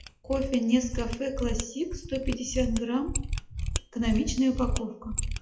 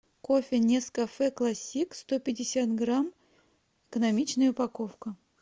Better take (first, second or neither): second